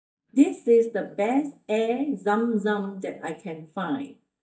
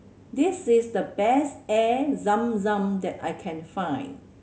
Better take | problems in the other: second | noise reduction (neural mask model DeepFilterNet 3)

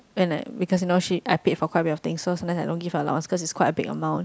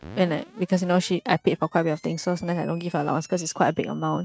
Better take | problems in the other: first | noise reduction (neural mask model RNNoise)

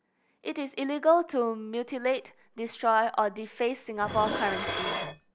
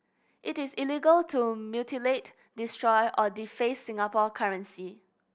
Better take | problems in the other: second | background sound (Dishes, pots, and pans); 8 dB below the speech

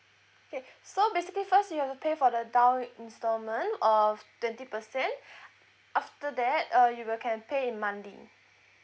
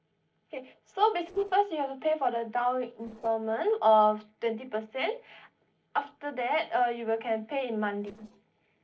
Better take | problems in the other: first | noise reduction (neural separator model SepFormer DNS4)

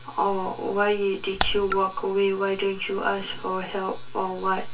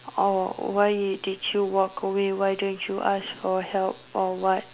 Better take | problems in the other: second | background sound (Raindrop); 2 dB below the speech // room echo; dies away in 0.2 s

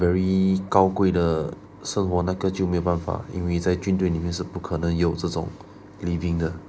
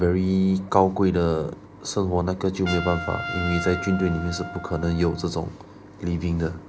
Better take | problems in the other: first | background sound (Trumpet); 13 dB below the speech

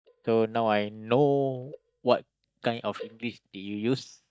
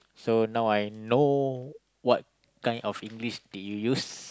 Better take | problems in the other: second | noise reduction (neural mask model DeepFilterNet 3)

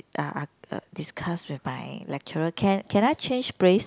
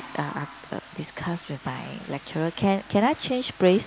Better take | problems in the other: first | background sound (Toilet flush / Water); 18 dB below the speech

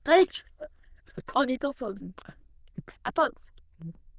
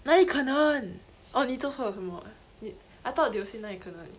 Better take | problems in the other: second | noise reduction (neural diffusion model UNIVERSE++)

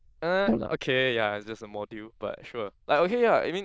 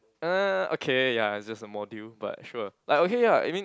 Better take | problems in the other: second | noise reduction (neural diffusion model UNIVERSE++)

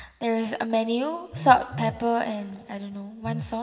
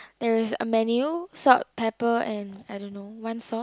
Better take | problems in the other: second | background sound (Telephone); 13 dB below the speech // room echo; dies away in 1.8 s

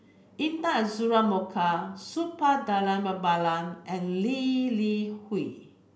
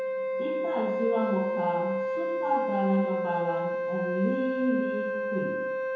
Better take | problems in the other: first | background sound (Wind instrument, woodwind instrument); 1 dB above the speech // room echo; dies away in 1 s

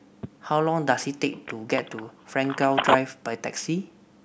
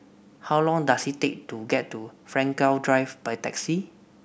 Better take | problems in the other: second | background sound (Telephone); 6 dB below the speech

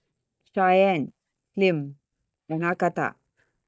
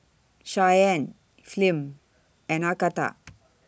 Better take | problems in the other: second | noise reduction (neural mask model DeepFilterNet 3)

